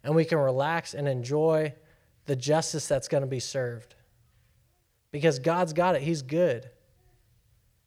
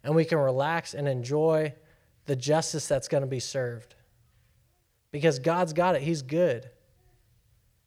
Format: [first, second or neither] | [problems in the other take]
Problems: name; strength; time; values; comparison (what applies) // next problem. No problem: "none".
neither | none